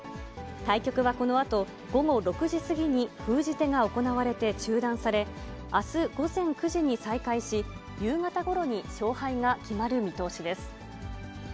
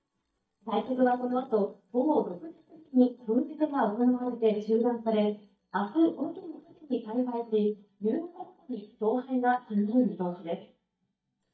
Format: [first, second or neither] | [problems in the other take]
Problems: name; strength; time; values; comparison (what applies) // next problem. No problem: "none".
first | noise reduction (neural mask model DeepFilterNet 3)